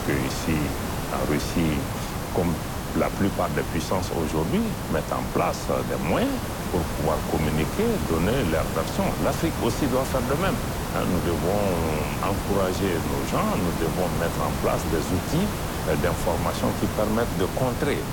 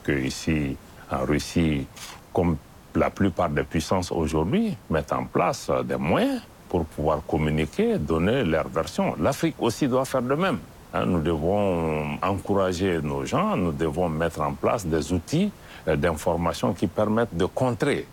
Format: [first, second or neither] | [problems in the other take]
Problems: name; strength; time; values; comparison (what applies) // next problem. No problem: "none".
second | hiss; loud; throughout; 3 dB below the speech; faint in the second